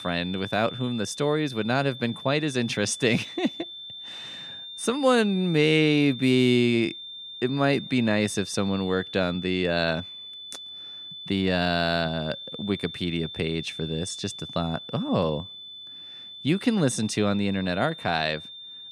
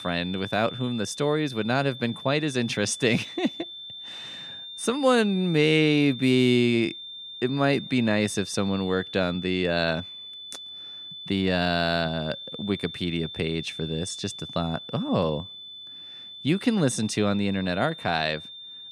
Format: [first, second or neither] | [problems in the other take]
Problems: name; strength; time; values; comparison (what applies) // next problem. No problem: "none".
neither | high-pitched whine; noticeable; throughout; 3.5 kHz, 10 dB below the speech; the same in both